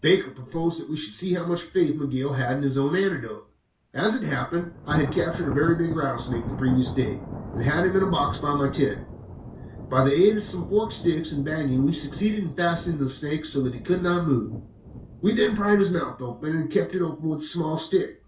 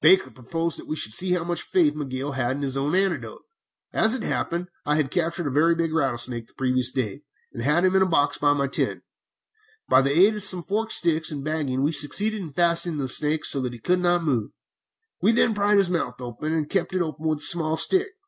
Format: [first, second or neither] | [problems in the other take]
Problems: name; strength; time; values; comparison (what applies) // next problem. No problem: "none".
second | background sound (Thunder); 13 dB below the speech // room echo; dies away in 0.3 s